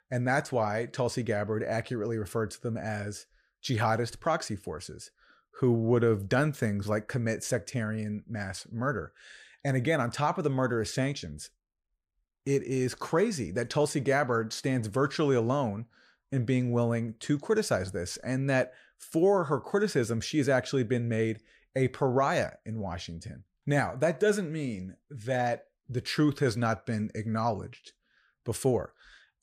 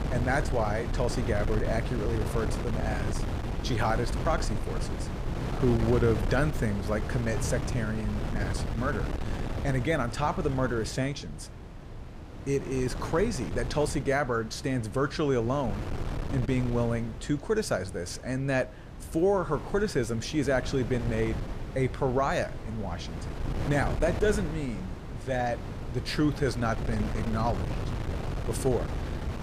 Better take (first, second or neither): first